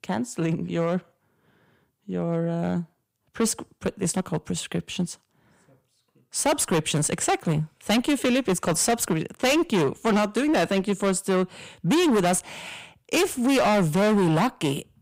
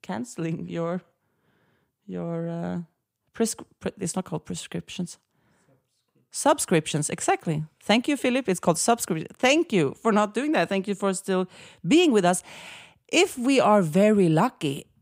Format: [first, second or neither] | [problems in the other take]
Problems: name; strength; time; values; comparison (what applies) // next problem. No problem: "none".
second | distortion; heavy; 14% of the sound clipped